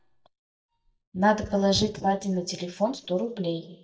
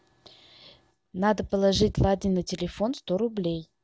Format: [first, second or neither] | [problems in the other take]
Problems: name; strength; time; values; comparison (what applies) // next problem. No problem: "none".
second | noise reduction (neural mask model DeepFilterNet 3)